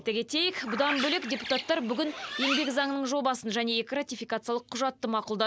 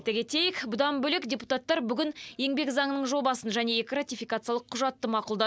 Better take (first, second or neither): second